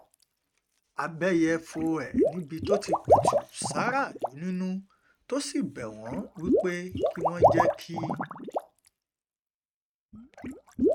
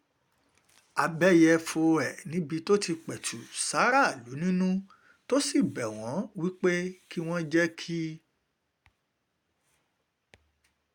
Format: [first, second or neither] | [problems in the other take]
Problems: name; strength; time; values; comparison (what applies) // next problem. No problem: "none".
second | noise reduction (neural mask model RNNoise)